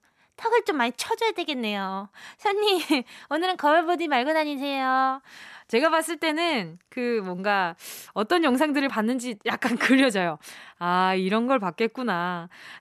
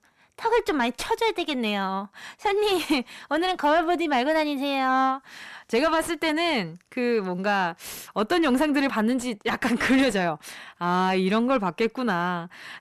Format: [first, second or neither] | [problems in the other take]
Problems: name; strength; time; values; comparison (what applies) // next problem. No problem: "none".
first | distortion; slight; 10 dB below the speech